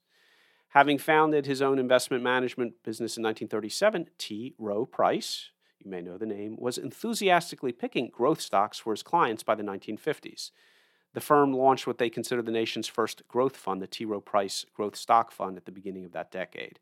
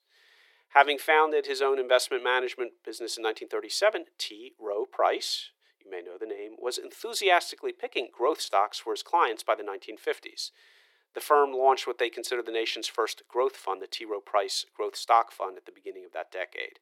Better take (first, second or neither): first